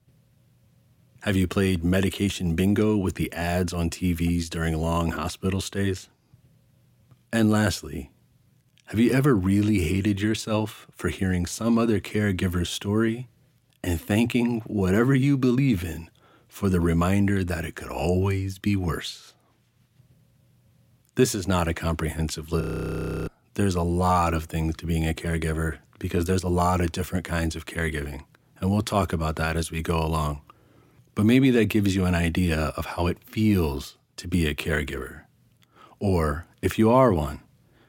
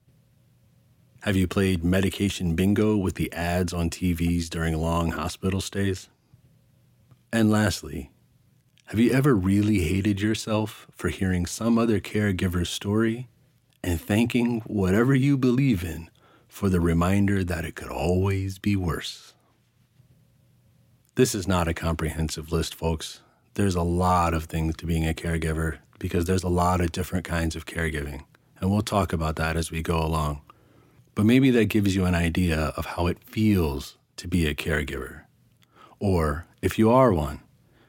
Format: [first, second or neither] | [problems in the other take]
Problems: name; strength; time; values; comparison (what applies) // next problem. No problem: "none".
second | audio freezing; at 23 s for 0.5 s